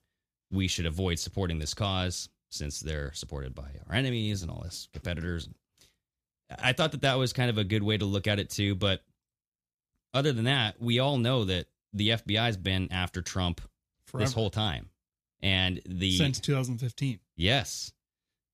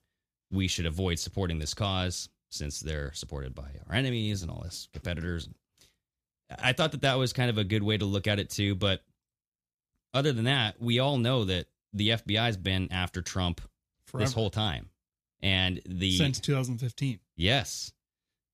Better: neither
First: none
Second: none

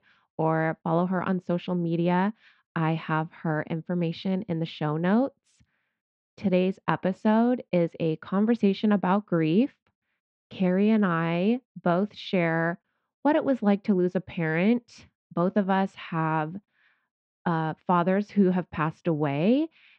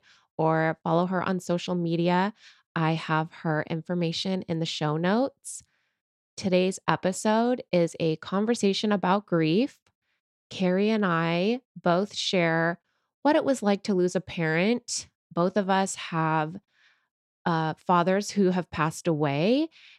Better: second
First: muffled; very; fading above 3 kHz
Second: none

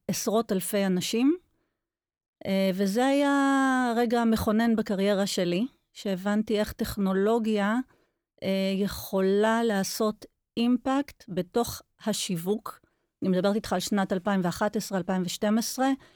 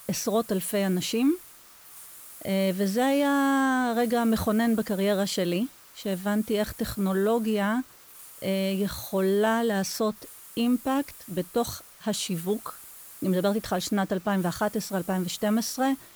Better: first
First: none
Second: hiss; noticeable; throughout; 15 dB below the speech

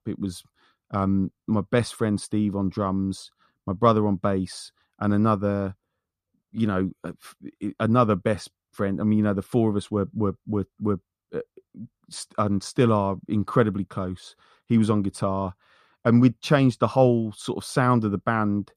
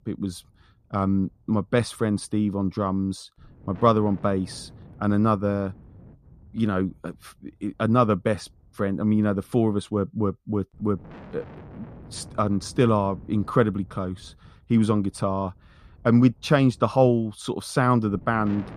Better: first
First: none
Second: wind noise on the microphone; occasional gusts; 25 dB below the speech

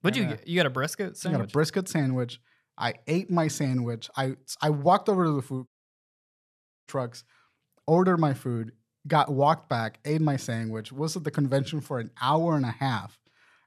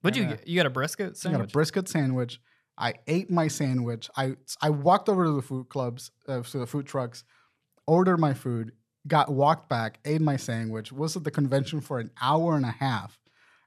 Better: second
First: audio cutting out; at 5.5 s for 1 s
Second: none

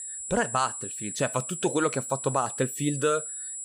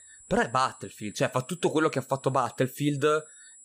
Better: second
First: high-pitched whine; loud; throughout; 7.5 kHz, 5 dB below the speech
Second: high-pitched whine; faint; throughout; 7.5 kHz, 20 dB below the speech

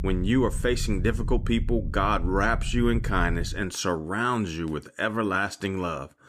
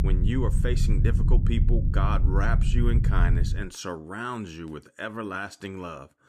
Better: first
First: low rumble; faint; until 3.5 s; 20 dB below the speech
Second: low rumble; loud; until 3.5 s; 6 dB below the speech

